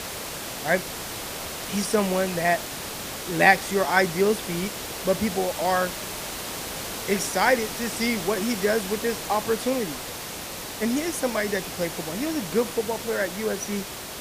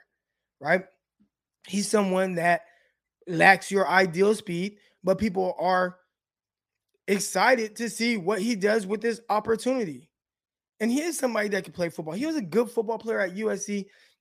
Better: second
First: hiss; loud; throughout; 7 dB below the speech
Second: none

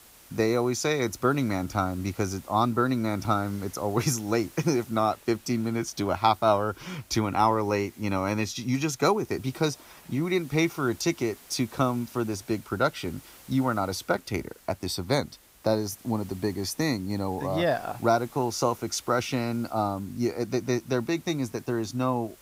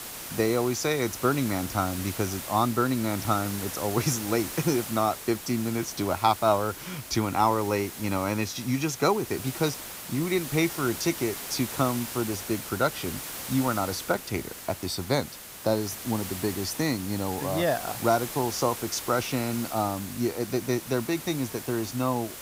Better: first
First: hiss; faint; throughout; 25 dB below the speech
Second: hiss; loud; throughout; 8 dB below the speech

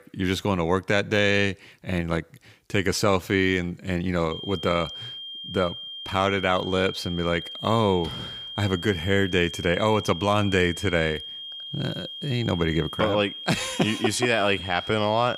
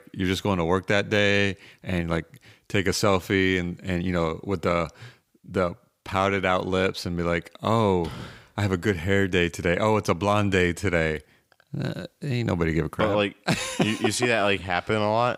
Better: second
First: high-pitched whine; loud; from 4.5 s on; 3 kHz, 10 dB below the speech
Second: none

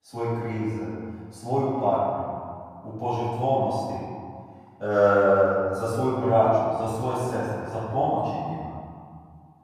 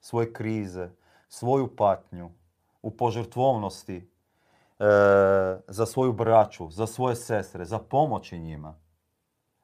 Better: second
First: room echo; strong; dies away in 2 s // off-mic speech; far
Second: none

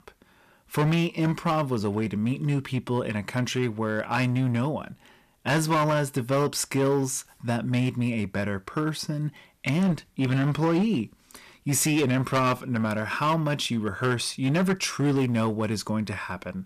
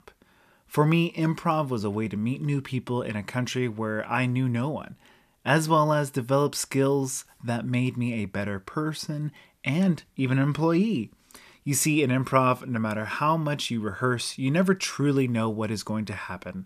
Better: second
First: distortion; slight; 8% of the sound clipped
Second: none

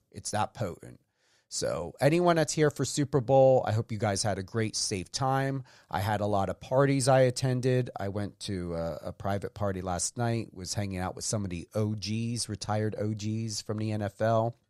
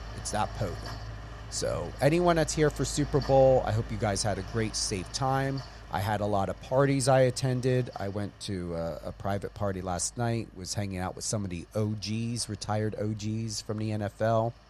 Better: first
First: none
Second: machinery noise; noticeable; throughout; 15 dB below the speech

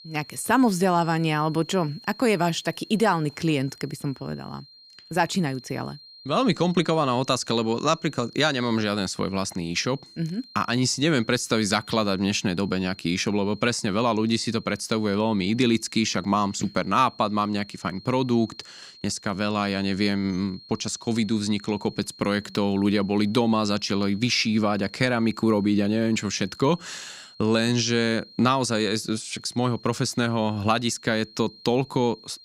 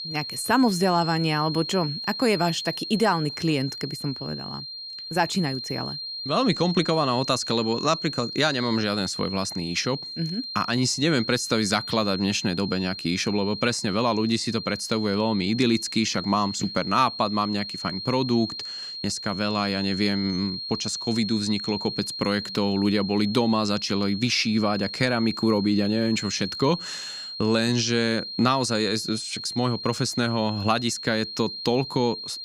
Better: first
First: high-pitched whine; faint; throughout; 4 kHz, 20 dB below the speech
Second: high-pitched whine; loud; throughout; 4 kHz, 7 dB below the speech

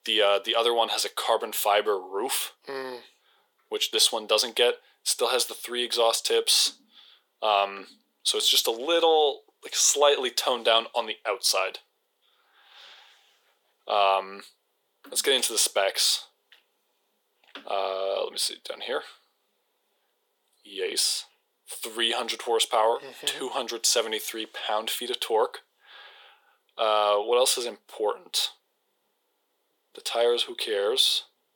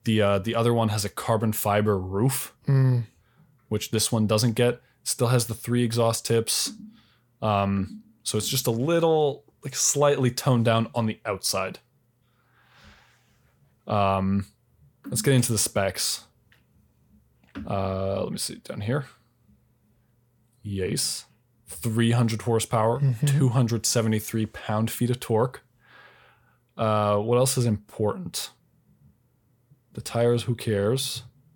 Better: second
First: thin; very; fading below 350 Hz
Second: none

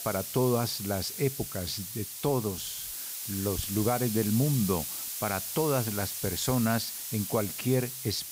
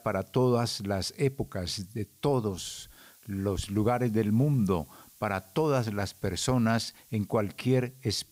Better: second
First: hiss; loud; throughout; 4 dB below the speech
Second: hiss; faint; throughout; 25 dB below the speech

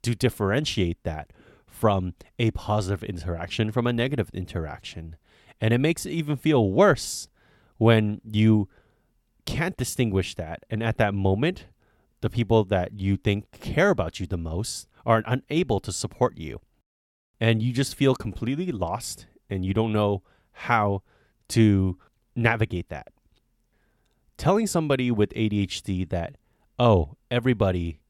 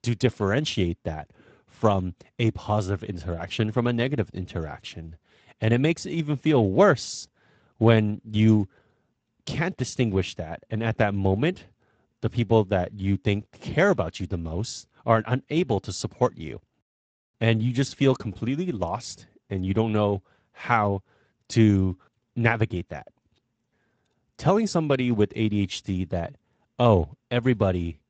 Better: first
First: none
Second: garbled, watery; slightly; nothing above 8 kHz

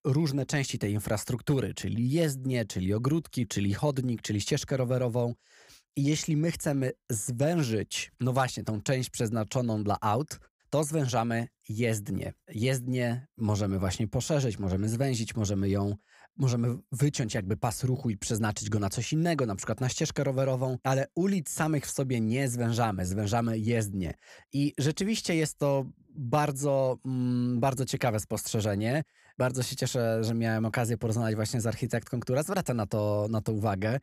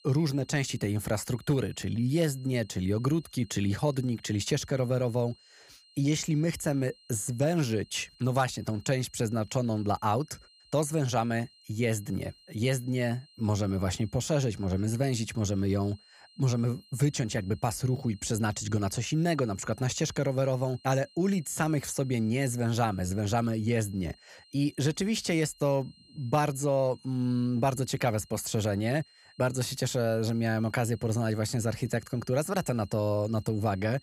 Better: first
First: none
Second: high-pitched whine; faint; throughout; 4 kHz, 25 dB below the speech

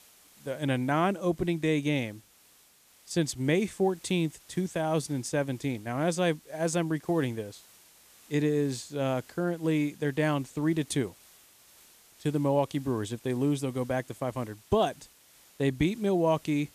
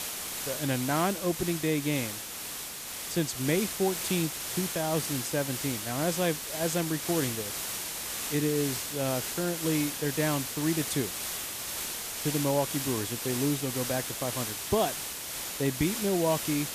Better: first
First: hiss; faint; throughout; 25 dB below the speech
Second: hiss; loud; throughout; 2 dB below the speech

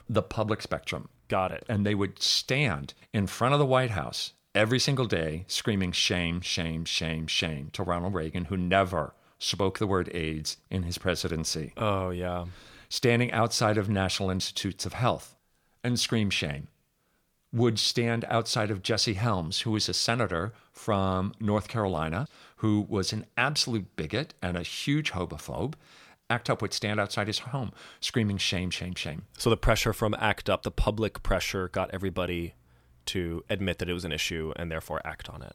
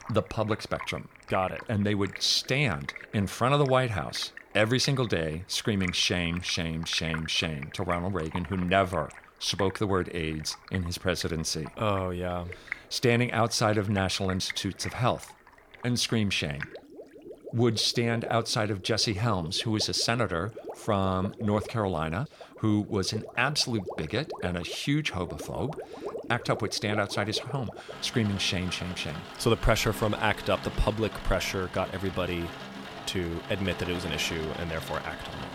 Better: first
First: none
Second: rain or running water; noticeable; throughout; 15 dB below the speech

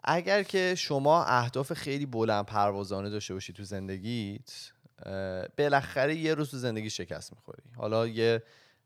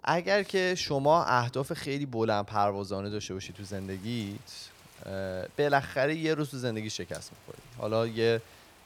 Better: first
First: none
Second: rain or running water; faint; throughout; 25 dB below the speech

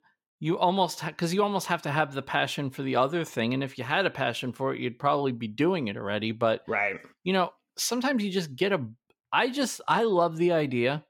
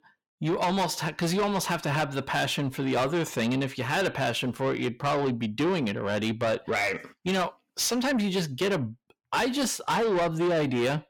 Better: first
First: none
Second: distortion; heavy; 7 dB below the speech

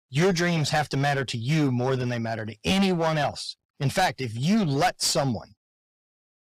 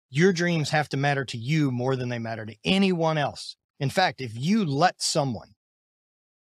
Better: second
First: distortion; heavy; 10% of the sound clipped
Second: none

